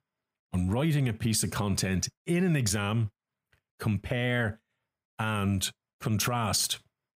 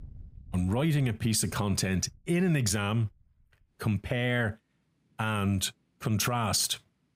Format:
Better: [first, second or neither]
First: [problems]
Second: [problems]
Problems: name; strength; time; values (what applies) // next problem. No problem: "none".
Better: first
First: none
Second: rain or running water; faint; throughout; 25 dB below the speech